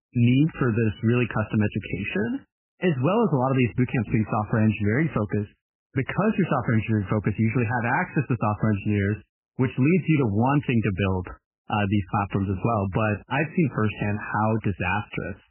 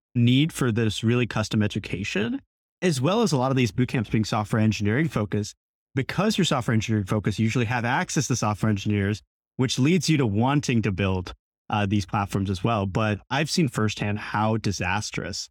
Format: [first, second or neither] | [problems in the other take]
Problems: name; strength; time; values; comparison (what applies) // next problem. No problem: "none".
second | garbled, watery; badly; nothing above 3 kHz